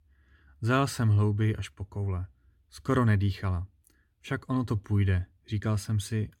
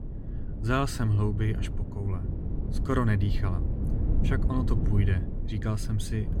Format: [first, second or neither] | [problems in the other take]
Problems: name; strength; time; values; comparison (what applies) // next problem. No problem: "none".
first | low rumble; loud; throughout; 9 dB below the speech